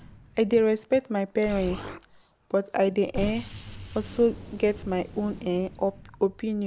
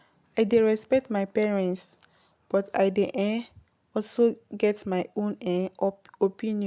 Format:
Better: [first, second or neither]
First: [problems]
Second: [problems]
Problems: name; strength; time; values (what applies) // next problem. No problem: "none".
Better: second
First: background sound (Explosion); 14 dB below the speech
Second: none